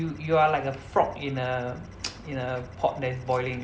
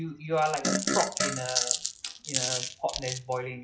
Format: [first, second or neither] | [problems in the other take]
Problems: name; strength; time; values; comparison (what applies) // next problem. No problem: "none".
first | noise reduction (classical method log-MMSE)